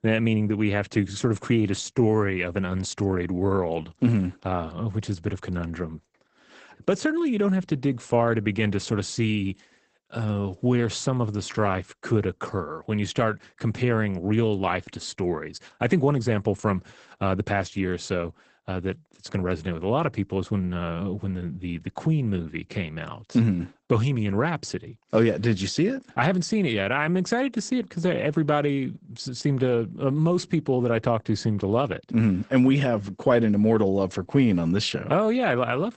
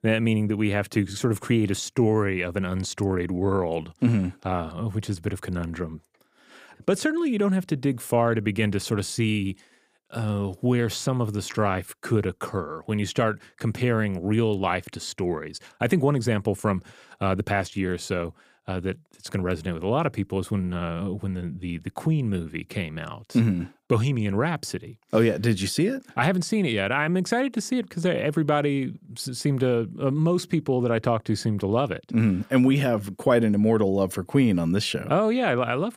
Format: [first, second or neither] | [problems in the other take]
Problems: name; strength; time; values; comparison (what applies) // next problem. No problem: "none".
second | garbled, watery; badly; nothing above 8 kHz